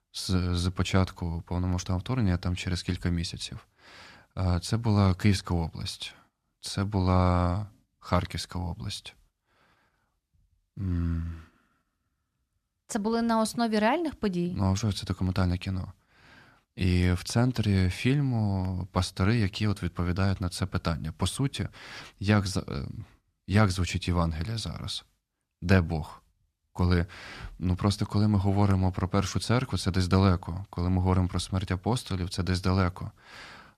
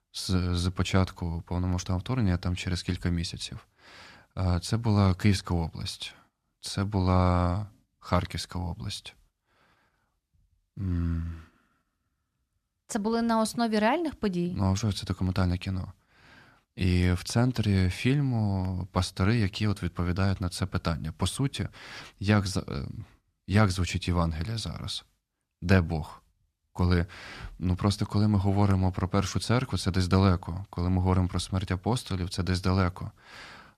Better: neither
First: none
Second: none

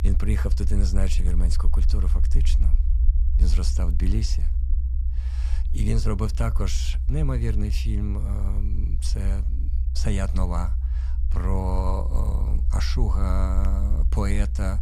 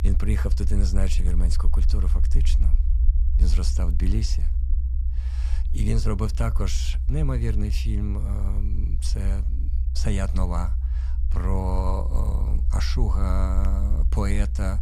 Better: neither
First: low rumble; noticeable; throughout; 10 dB below the speech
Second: low rumble; noticeable; throughout; 10 dB below the speech

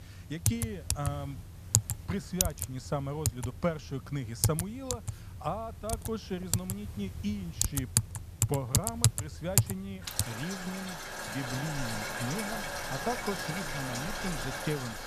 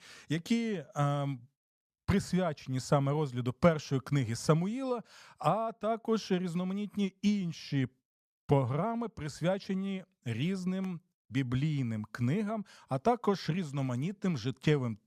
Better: second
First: household noises; very loud; throughout; 4 dB above the speech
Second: none

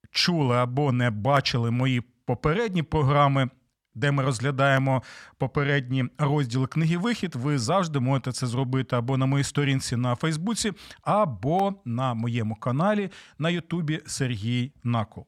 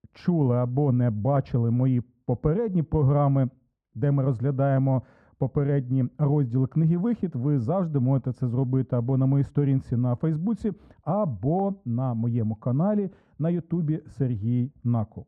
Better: first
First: none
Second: muffled; very; fading above 1.5 kHz

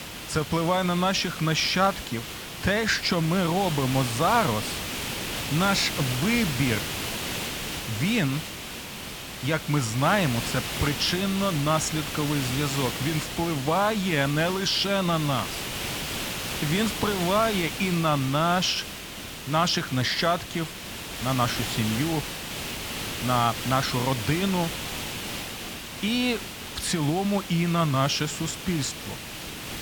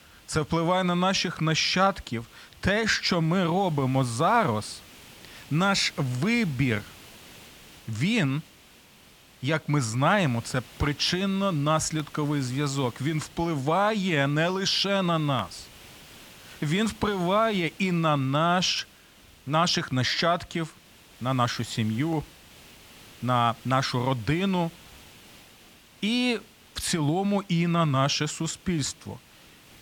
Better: second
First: hiss; loud; throughout; 6 dB below the speech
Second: hiss; faint; throughout; 25 dB below the speech

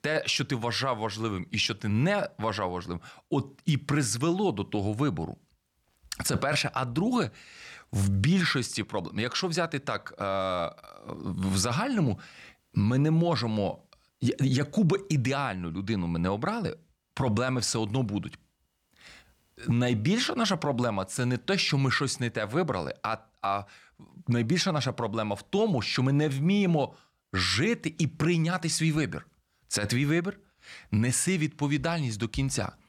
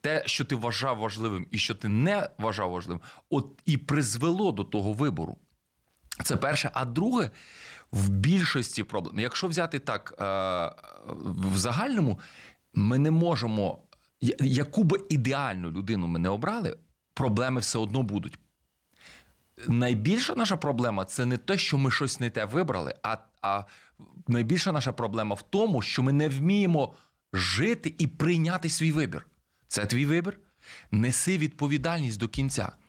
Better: first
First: none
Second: garbled, watery; slightly; nothing above 19 kHz

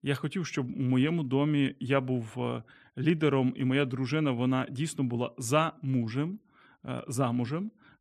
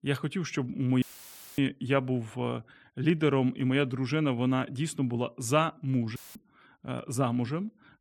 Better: first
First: none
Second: audio cutting out; filled with static; at 1 s for 0.5 s and at 6 s

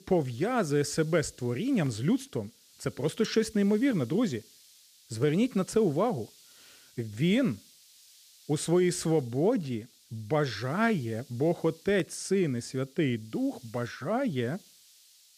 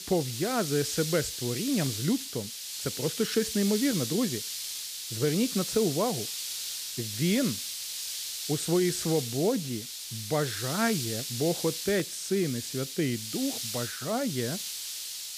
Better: first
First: hiss; faint; throughout; 25 dB below the speech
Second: hiss; loud; throughout; 4 dB below the speech

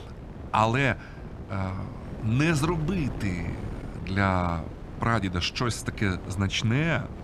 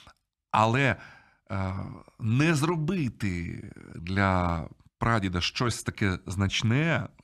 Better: second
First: wind noise on the microphone; occasional gusts; 15 dB below the speech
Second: none

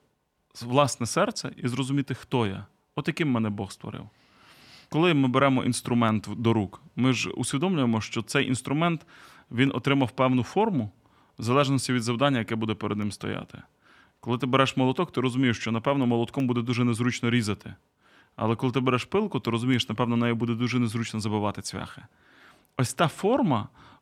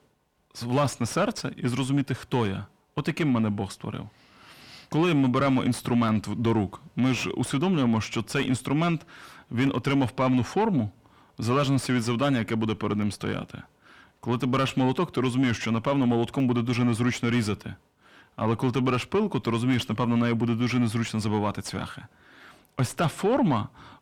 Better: first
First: none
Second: distortion; slight; 10 dB below the speech

